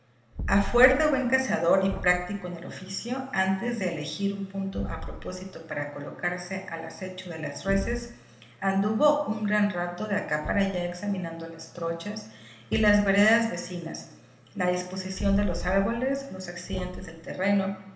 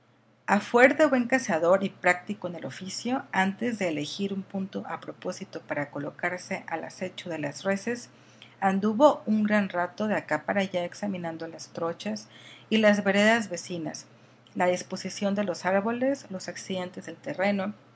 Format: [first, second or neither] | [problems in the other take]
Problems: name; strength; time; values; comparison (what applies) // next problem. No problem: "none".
second | background sound (Thump, thud); 11 dB below the speech // room echo; dies away in 0.9 s